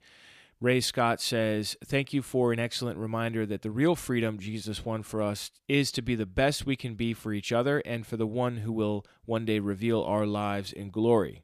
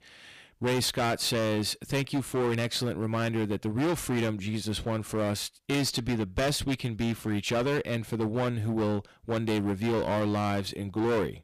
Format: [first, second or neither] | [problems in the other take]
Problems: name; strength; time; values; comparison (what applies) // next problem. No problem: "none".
first | distortion; heavy; 20% of the sound clipped